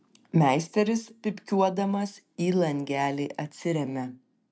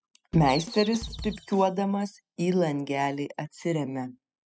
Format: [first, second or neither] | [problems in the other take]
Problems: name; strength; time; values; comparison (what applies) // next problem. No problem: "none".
first | noise reduction (classical method spectral subtraction)